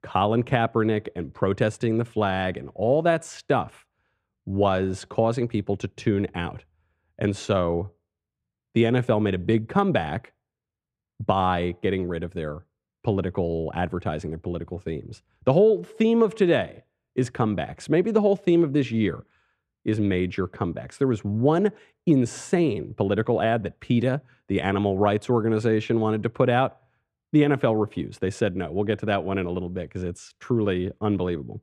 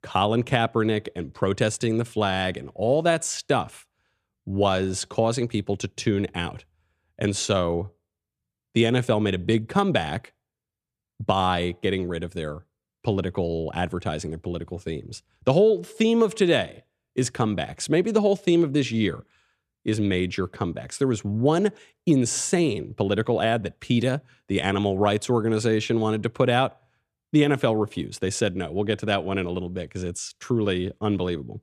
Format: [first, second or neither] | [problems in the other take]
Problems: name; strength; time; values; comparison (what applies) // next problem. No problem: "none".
second | muffled; slightly; fading above 3 kHz